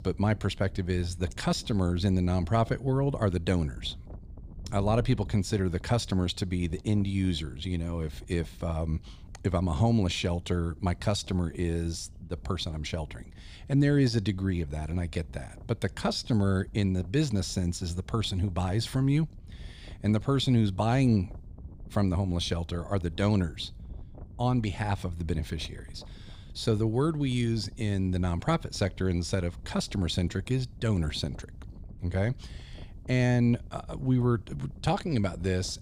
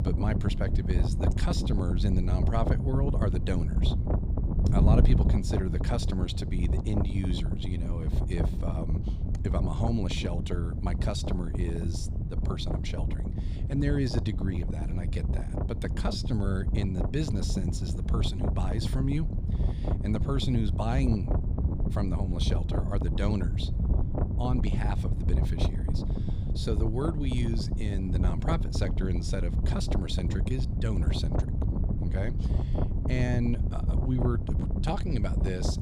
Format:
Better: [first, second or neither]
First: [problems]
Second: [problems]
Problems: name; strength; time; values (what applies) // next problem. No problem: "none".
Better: first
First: wind noise on the microphone; occasional gusts; 25 dB below the speech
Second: wind noise on the microphone; heavy; 4 dB below the speech